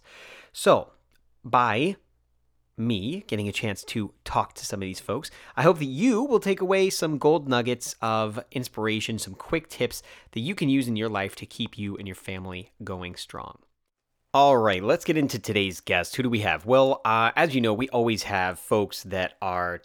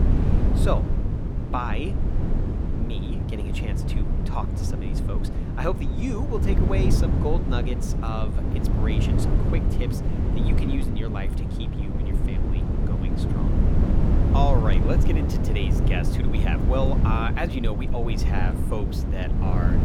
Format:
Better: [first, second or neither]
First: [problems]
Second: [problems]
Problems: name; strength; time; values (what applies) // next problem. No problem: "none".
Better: first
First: none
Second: wind noise on the microphone; heavy; 2 dB below the speech